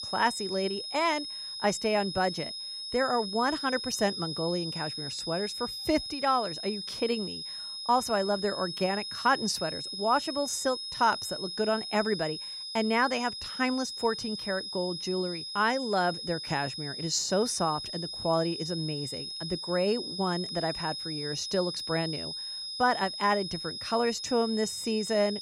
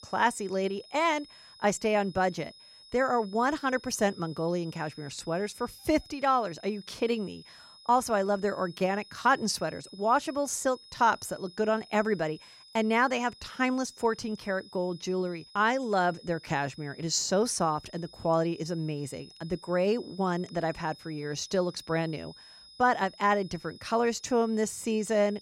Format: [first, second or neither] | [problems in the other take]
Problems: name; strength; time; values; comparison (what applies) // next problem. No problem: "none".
second | high-pitched whine; loud; throughout; 5 kHz, 5 dB below the speech; faint in the second